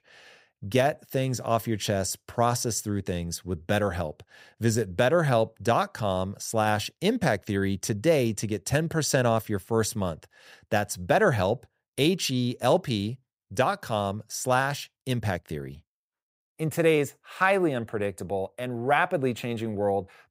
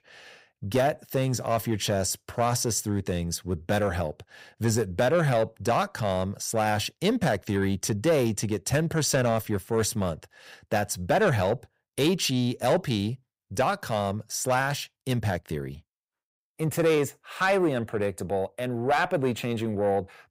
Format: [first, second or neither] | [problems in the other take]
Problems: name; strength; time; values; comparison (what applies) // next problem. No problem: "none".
first | distortion; slight; 10 dB below the speech